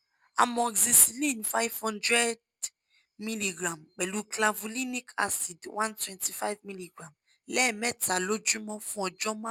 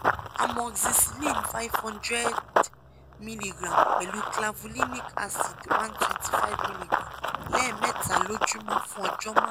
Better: first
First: none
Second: background sound (Run); 4 dB above the speech

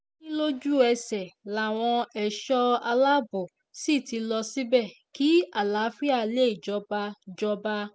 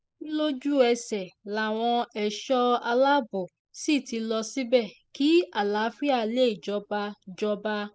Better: first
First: none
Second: noise reduction (neural mask model Resemble Enhance denoiser)

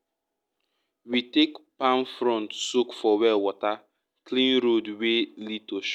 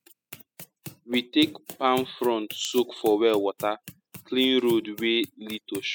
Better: first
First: none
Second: noise reduction (classical method spectral subtraction)

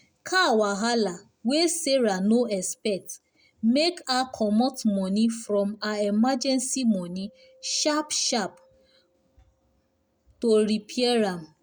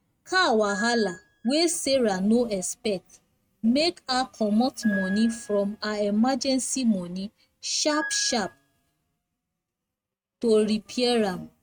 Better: first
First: none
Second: noise reduction (neural mask model RNNoise)

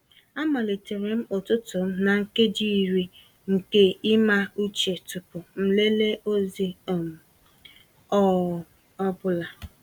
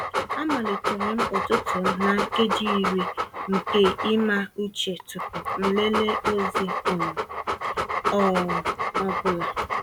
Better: first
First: none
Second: background sound (Dog); 1 dB below the speech

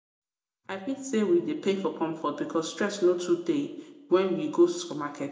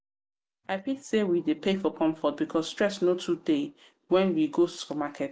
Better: second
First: room echo; dies away in 0.6 s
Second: none

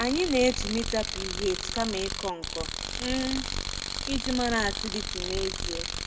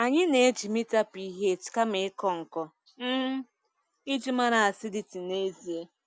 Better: second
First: background sound (Tools); 2 dB below the speech // room echo; dies away in 0.9 s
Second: none

